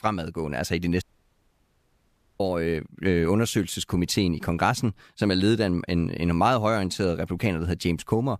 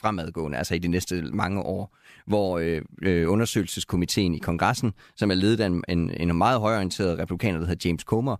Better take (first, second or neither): second